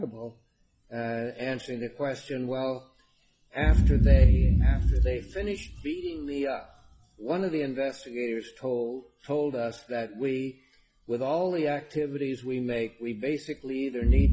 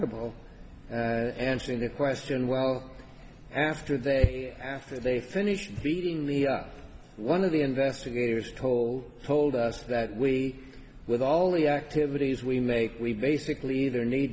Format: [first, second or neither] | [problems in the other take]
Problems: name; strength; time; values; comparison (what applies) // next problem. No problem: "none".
second | noise reduction (classical method log-MMSE)